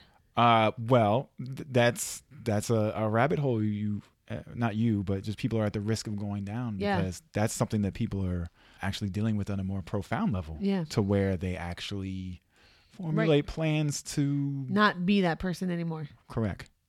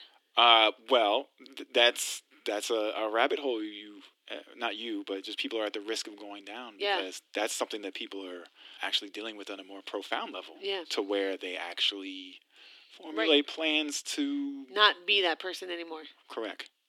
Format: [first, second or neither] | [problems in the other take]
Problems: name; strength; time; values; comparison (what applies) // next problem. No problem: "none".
first | thin; somewhat; fading below 300 Hz